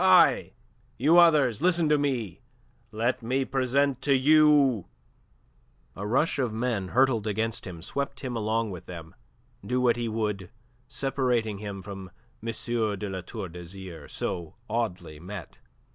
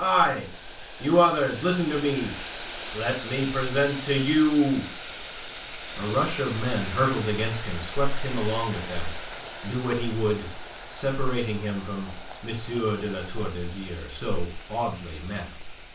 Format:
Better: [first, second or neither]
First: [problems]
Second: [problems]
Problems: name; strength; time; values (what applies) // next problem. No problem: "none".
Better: first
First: none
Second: background sound (Boiling); 13 dB below the speech // room echo; dies away in 0.3 s